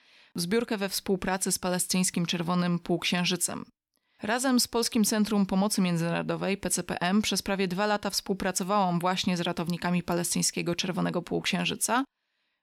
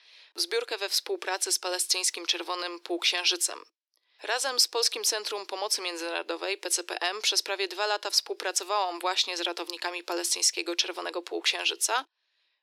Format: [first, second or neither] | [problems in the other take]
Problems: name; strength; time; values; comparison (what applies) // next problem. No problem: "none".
first | thin; very; fading below 350 Hz